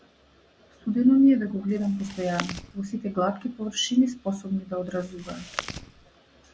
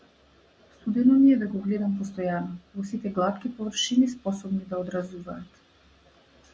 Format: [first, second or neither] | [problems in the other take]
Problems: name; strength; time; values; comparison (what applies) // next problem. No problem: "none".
second | background sound (Chewing, mastication); 13 dB below the speech